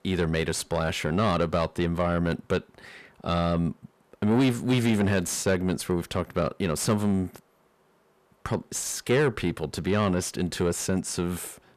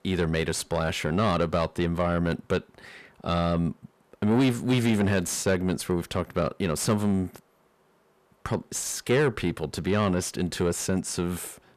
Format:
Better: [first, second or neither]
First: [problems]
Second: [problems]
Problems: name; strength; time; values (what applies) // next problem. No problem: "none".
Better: neither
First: distortion; slight; 10 dB below the speech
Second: distortion; slight; 10 dB below the speech